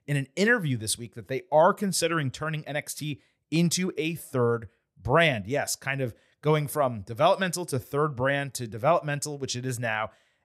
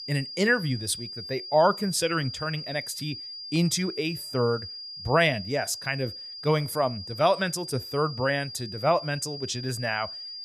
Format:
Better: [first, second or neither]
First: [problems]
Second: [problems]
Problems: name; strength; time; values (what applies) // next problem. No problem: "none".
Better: first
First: none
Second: high-pitched whine; loud; throughout; 5 kHz, 9 dB below the speech